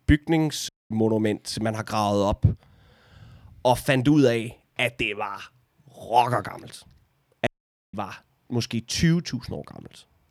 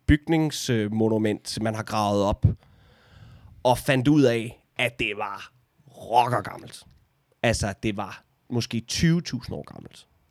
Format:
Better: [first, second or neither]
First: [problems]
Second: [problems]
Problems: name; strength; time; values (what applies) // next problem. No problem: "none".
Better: second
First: audio cutting out; at 0.5 s and at 7.5 s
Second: none